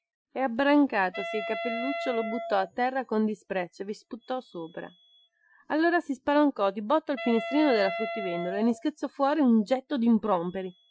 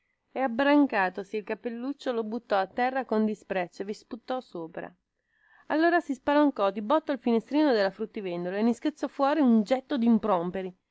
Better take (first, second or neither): second